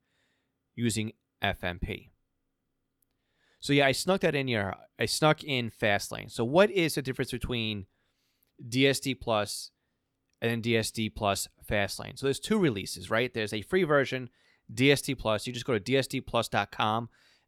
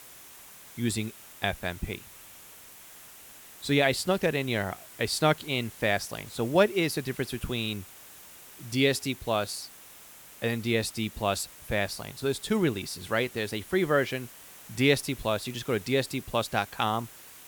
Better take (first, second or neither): first